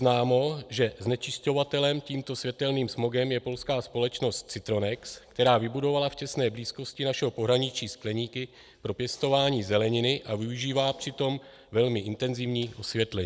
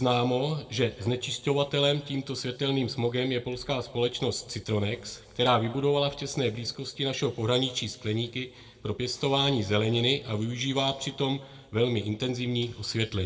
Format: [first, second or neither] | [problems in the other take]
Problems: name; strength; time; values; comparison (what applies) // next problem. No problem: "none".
first | room echo; dies away in 1.3 s